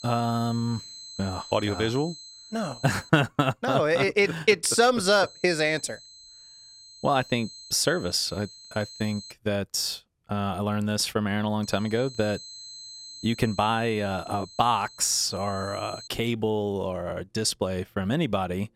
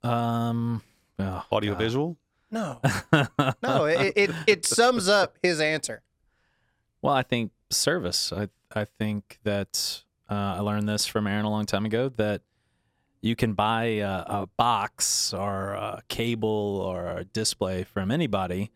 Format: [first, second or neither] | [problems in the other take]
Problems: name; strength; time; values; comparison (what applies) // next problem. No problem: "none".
second | high-pitched whine; noticeable; until 3 s, from 5 to 9.5 s and from 12 to 16 s; 4 kHz, 15 dB below the speech